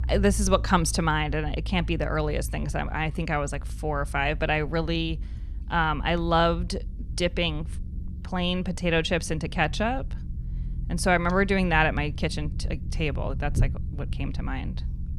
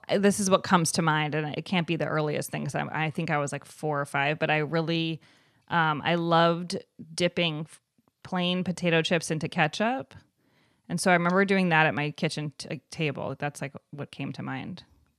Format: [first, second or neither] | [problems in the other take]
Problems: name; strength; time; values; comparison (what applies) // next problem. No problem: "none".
second | low rumble; faint; throughout; 25 dB below the speech